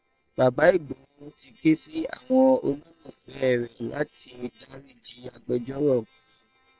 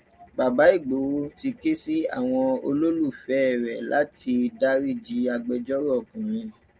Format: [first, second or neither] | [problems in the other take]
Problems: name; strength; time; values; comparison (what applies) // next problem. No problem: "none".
second | noise reduction (neural separator model SepFormer WHAM!)